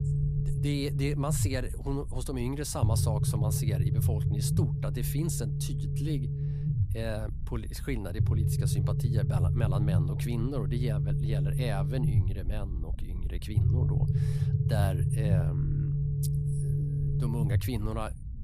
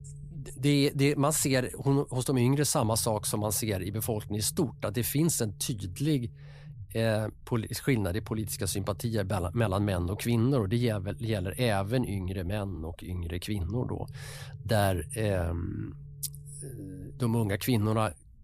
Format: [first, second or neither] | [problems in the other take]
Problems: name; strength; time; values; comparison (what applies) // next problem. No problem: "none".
second | low rumble; loud; throughout; 1 dB below the speech; faint in the second